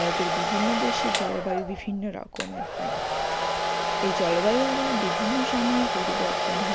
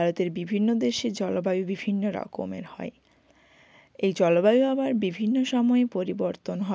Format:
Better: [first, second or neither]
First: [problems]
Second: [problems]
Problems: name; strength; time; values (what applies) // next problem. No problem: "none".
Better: second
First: background sound (Domestic sounds, home sounds); 2 dB above the speech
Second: none